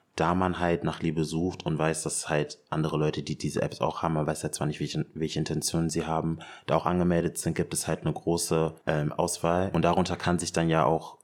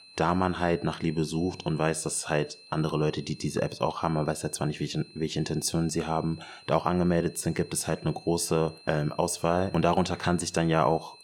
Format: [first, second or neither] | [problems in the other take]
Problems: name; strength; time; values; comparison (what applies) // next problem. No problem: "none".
first | high-pitched whine; faint; throughout; 4 kHz, 20 dB below the speech